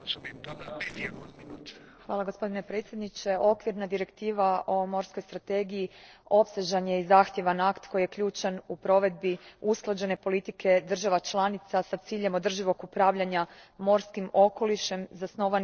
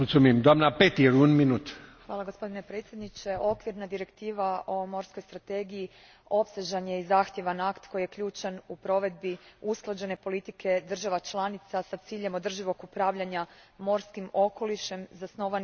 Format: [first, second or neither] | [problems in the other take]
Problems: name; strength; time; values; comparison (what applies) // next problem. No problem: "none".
second | noise reduction (neural separator model SepFormer DNS4)